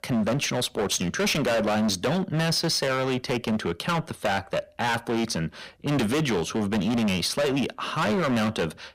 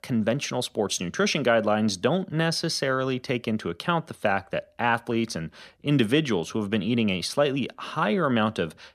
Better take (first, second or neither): second